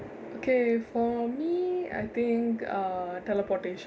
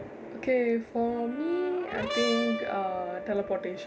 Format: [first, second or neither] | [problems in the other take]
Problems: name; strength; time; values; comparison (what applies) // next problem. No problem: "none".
first | background sound (Brass instrument); 7 dB below the speech